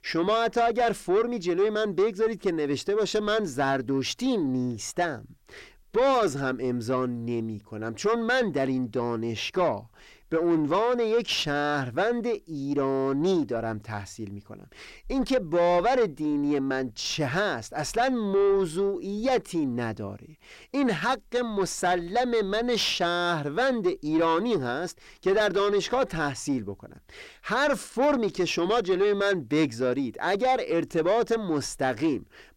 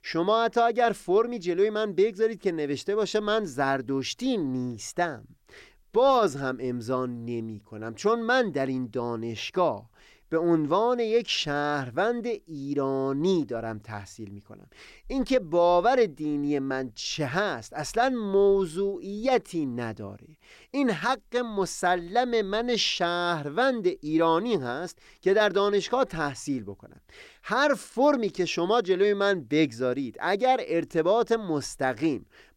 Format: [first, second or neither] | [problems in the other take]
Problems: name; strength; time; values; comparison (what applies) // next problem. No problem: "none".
second | distortion; slight; 10 dB below the speech